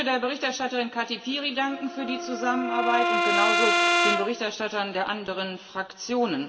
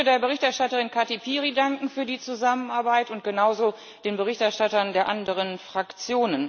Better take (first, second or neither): second